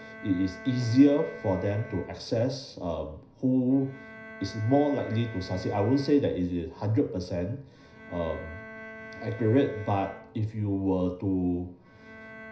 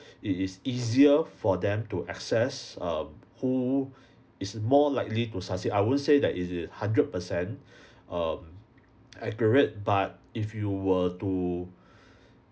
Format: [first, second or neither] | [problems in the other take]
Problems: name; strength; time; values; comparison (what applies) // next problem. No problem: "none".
second | background sound (Bowed string instrument); 18 dB below the speech // room echo; dies away in 0.5 s